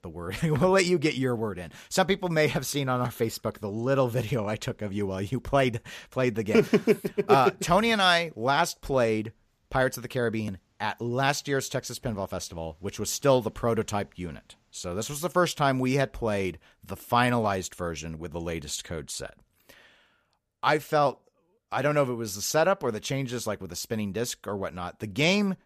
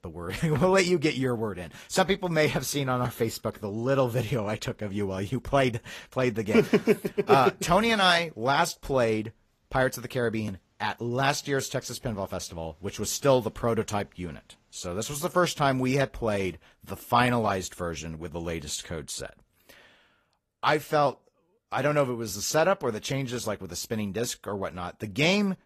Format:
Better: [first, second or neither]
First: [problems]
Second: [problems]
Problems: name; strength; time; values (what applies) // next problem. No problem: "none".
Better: first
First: none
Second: garbled, watery; slightly; nothing above 14.5 kHz